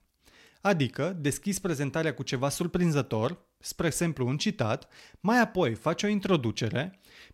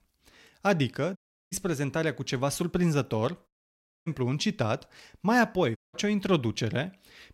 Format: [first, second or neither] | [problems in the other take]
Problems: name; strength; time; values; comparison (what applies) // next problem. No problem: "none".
first | audio cutting out; at 1 s, at 3.5 s for 0.5 s and at 6 s